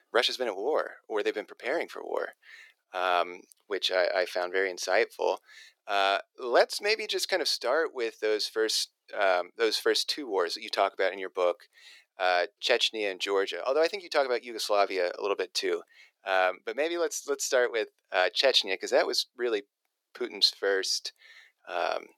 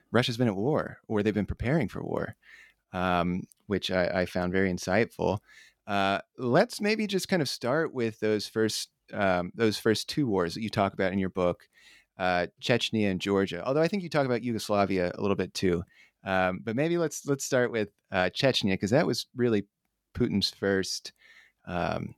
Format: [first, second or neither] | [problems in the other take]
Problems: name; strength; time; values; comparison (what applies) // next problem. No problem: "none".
second | thin; very; fading below 400 Hz